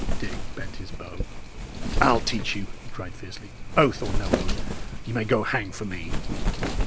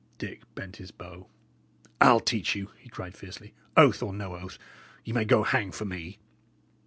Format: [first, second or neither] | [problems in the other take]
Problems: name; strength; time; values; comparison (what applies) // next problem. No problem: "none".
second | background sound (Wind); 1 dB above the speech